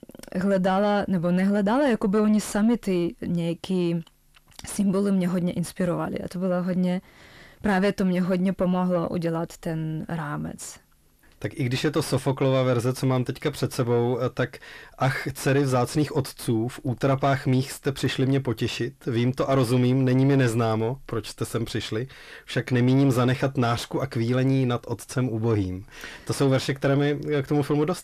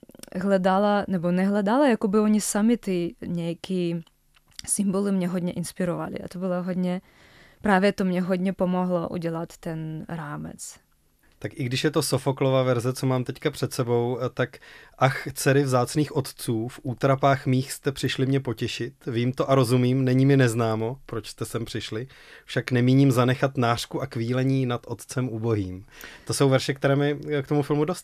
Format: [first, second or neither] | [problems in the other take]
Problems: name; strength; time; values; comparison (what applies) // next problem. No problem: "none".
second | distortion; slight; 10 dB below the speech